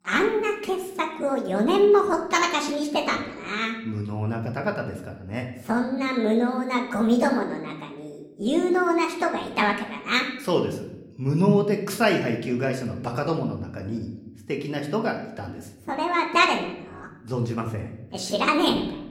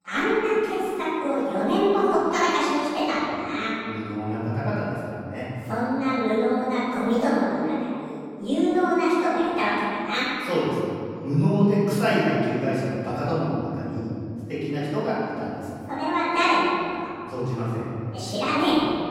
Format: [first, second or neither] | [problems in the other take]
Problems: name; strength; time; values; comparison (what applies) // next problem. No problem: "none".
first | room echo; strong; dies away in 2.5 s; slight in the first // off-mic speech; far